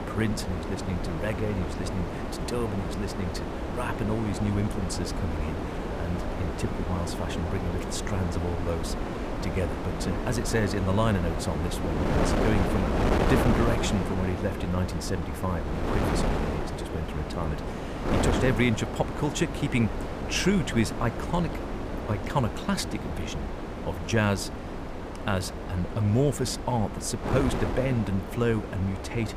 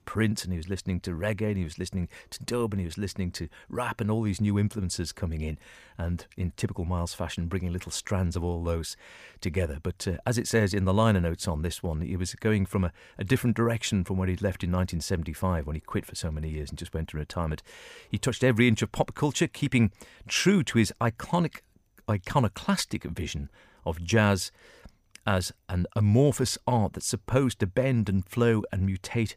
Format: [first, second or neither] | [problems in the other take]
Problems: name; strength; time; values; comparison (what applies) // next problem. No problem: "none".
second | wind noise on the microphone; heavy; 1 dB below the speech